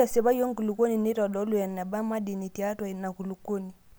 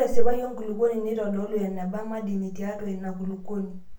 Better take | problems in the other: first | room echo; dies away in 0.4 s

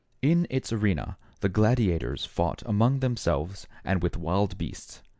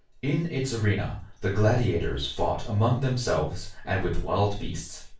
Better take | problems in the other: first | room echo; dies away in 0.3 s

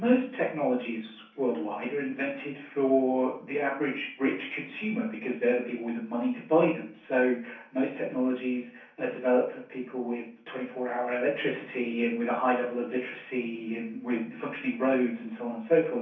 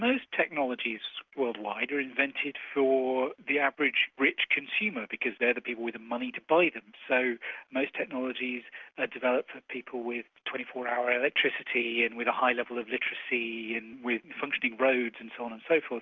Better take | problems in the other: second | room echo; dies away in 0.6 s

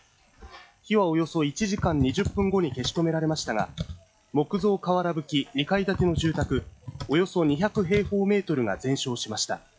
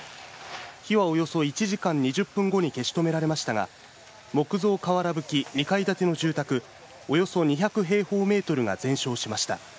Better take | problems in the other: second | noise reduction (classical method log-MMSE)

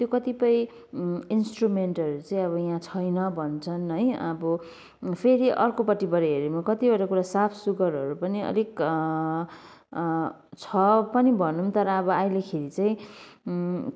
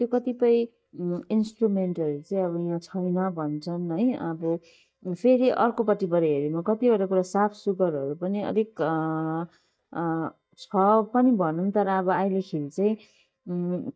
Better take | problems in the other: first | noise reduction (neural mask model DeepFilterNet 3)

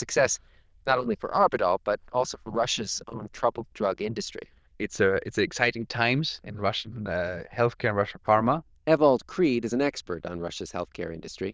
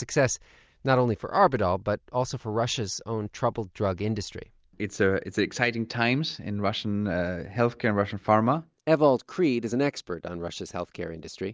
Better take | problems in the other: second | noise reduction (neural diffusion model UNIVERSE++)

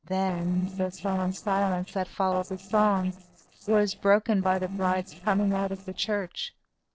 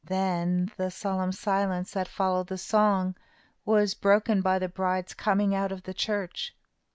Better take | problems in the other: second | noise reduction (neural separator model SepFormer DNS4)

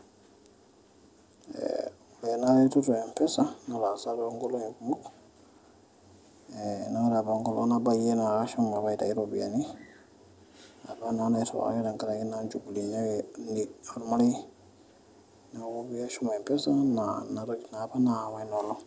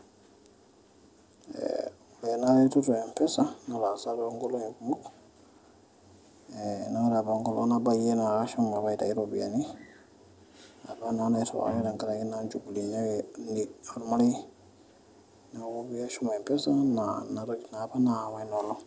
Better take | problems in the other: first | background sound (Bowed string instrument); 17 dB below the speech

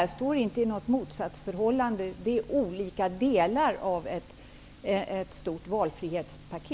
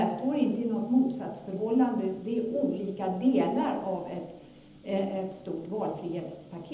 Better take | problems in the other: first | room echo; dies away in 0.9 s

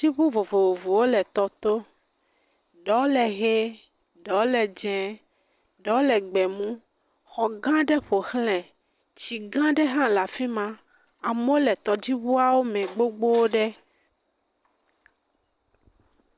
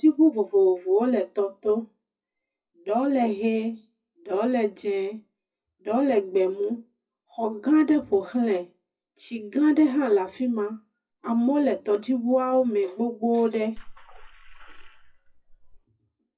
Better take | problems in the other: first | noise reduction (classical method WPE with log-MMSE)

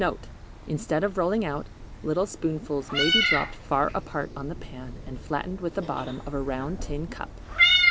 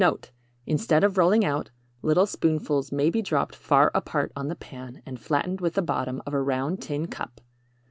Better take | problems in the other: second | background sound (Meow); as loud as the speech

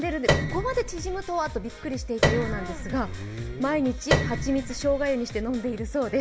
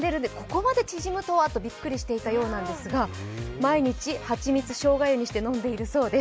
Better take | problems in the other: second | background sound (Piano); 2 dB below the speech // room echo; dies away in 0.5 s

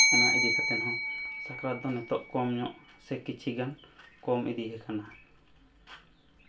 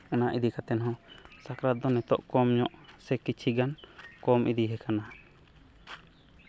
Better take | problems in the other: second | background sound (Bell); 3 dB above the speech // room echo; dies away in 0.3 s

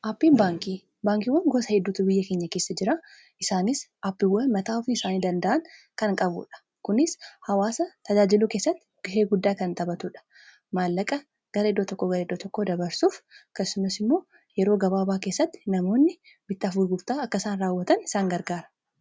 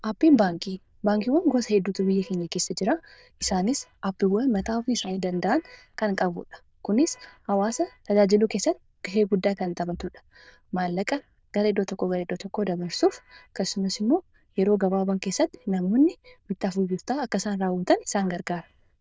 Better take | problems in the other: first | noise reduction (neural diffusion model UNIVERSE++)

